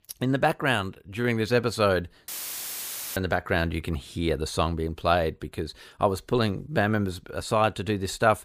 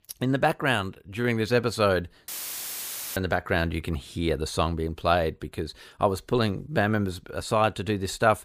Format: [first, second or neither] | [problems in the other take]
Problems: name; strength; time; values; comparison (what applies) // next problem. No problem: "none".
neither | audio cutting out; filled with static; at 2.5 s for 1 s; the same in both